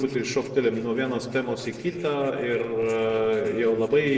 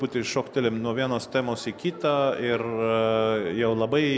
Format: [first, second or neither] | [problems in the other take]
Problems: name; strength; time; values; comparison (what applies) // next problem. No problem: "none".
second | noise reduction (neural separator model SepFormer DNS4)